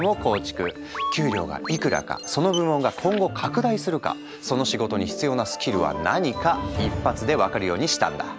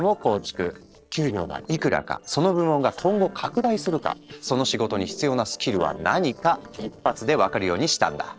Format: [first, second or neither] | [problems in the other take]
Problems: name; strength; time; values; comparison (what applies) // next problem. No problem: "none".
first | noise reduction (neural separator model SepFormer DNS4)